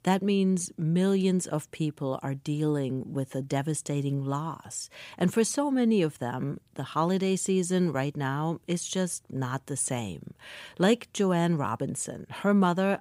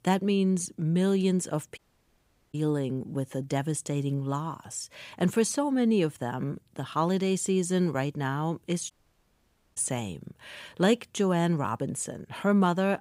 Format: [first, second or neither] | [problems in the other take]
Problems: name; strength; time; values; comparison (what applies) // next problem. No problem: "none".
first | audio cutting out; at 2 s for 0.5 s and at 9 s for 1 s